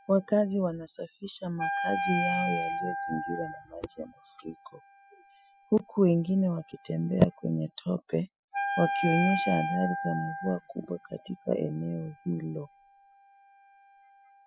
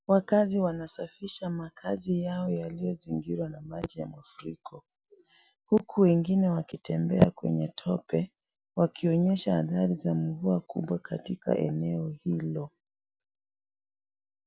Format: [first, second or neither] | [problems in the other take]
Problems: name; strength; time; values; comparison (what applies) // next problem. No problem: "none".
second | noise reduction (classical method spectral subtraction)